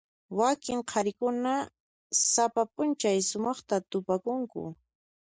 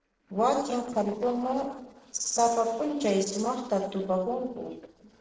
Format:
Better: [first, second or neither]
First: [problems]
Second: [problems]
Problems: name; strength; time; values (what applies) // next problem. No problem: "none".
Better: first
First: none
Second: noise reduction (neural separator model SepFormer DNS4)